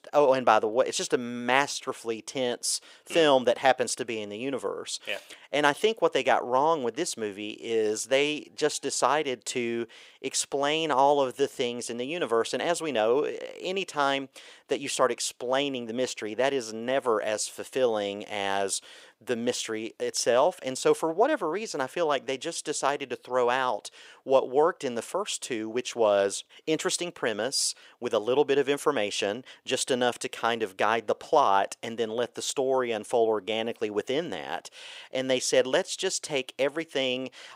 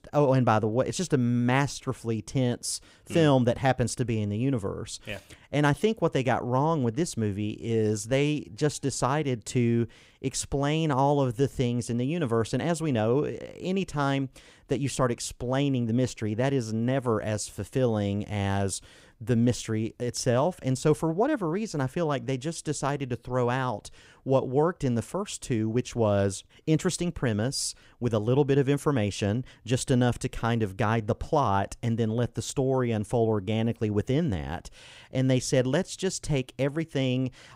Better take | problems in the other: second | thin; somewhat; fading below 500 Hz

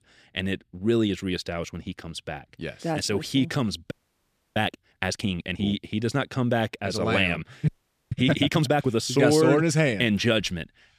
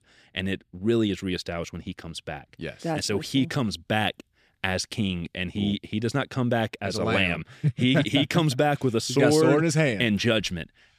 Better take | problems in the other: second | audio freezing; at 4 s for 0.5 s and at 7.5 s

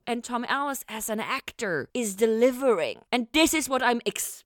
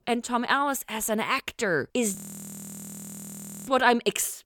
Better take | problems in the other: first | audio freezing; at 2 s for 1.5 s

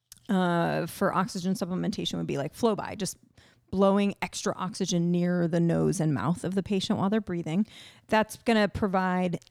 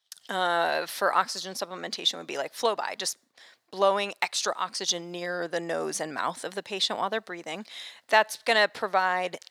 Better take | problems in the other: first | thin; very; fading below 650 Hz

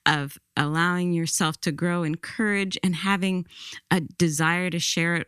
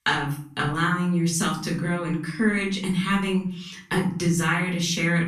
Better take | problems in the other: first | room echo; slight; dies away in 0.5 s // off-mic speech; far

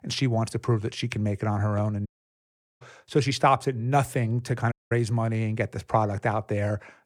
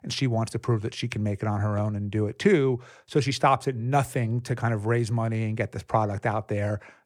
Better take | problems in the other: second | audio cutting out; at 2 s for 1 s and at 4.5 s

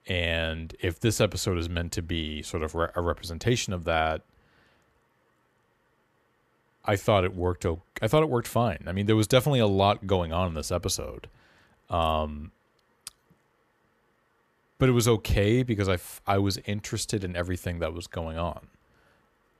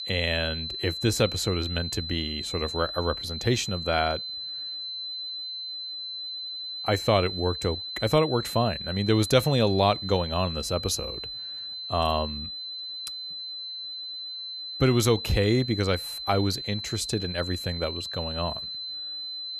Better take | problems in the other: first | high-pitched whine; loud; throughout; 4 kHz, 6 dB below the speech

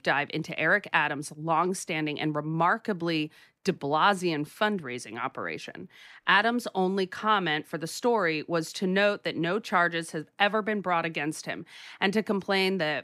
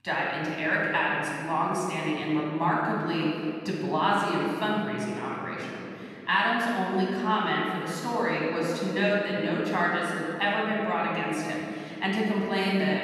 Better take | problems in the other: first | off-mic speech; far // room echo; strong; dies away in 2.6 s

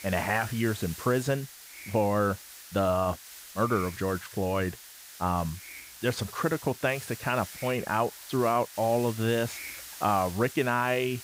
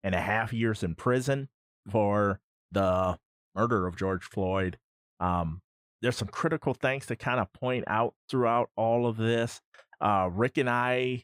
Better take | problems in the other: second | hiss; noticeable; throughout; 15 dB below the speech

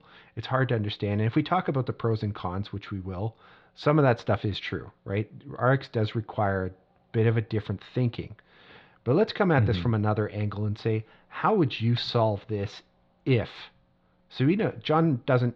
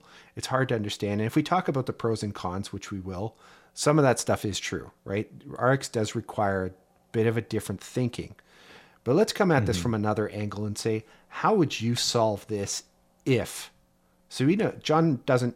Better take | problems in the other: second | muffled; slightly; fading above 4 kHz

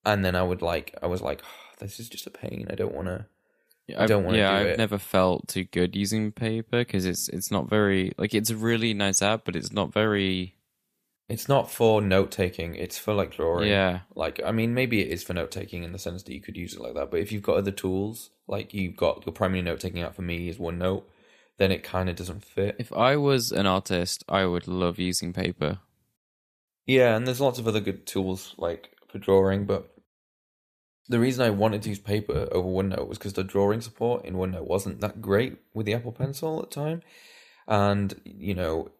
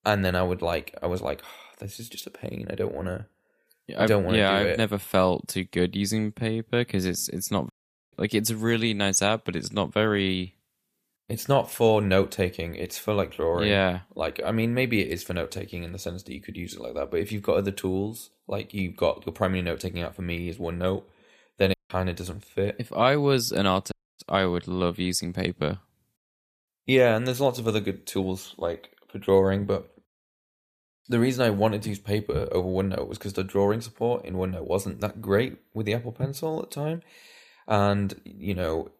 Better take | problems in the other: first | audio cutting out; at 7.5 s, at 22 s and at 24 s

